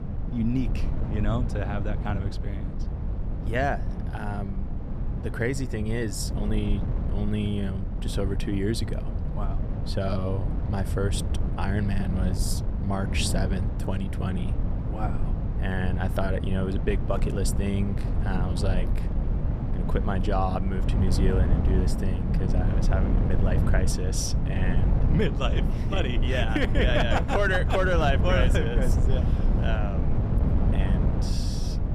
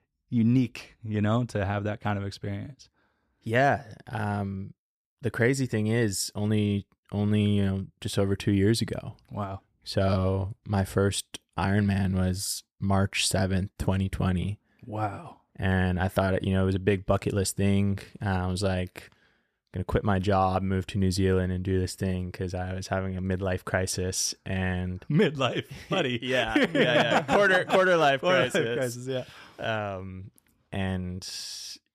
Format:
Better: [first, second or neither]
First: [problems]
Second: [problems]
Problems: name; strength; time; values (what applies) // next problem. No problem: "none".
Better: second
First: wind noise on the microphone; heavy; 7 dB below the speech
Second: none